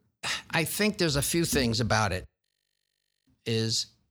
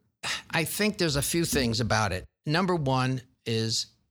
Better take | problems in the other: second | audio freezing; at 2.5 s for 1 s

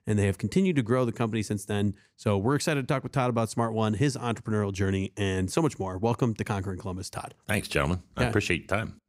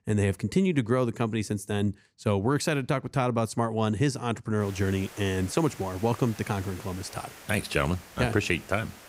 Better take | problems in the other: first | hiss; noticeable; from 4.5 s on; 20 dB below the speech

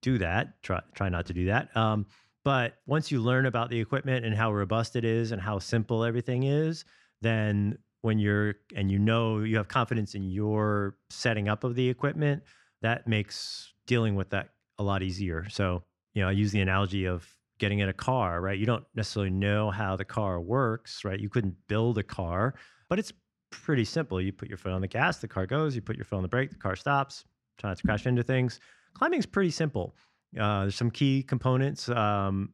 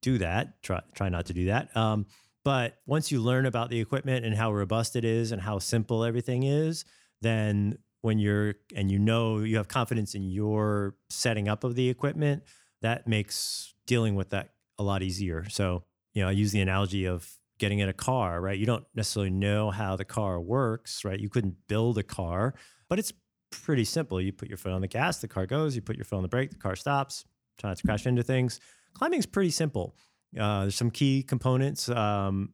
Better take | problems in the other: second | muffled; very slightly; fading above 4.5 kHz

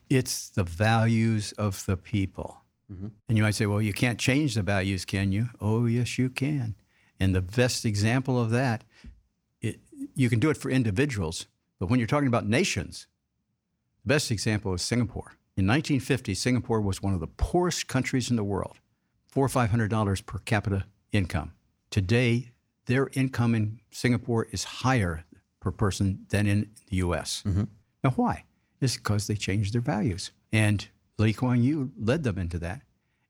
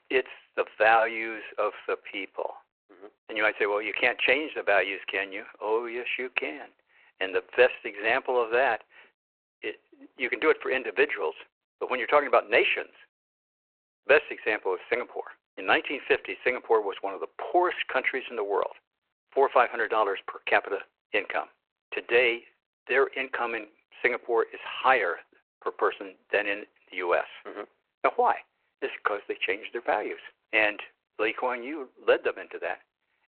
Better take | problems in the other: first | phone-call audio

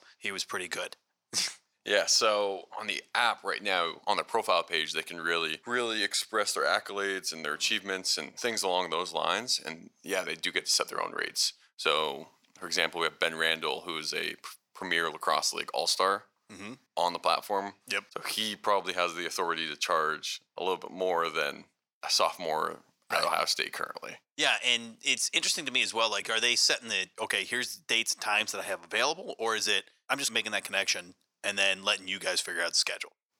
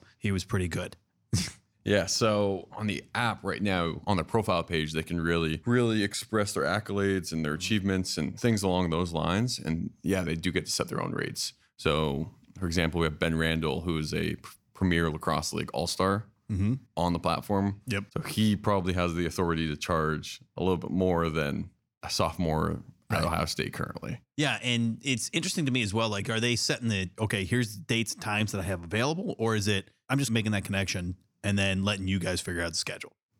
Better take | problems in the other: second | thin; very; fading below 650 Hz

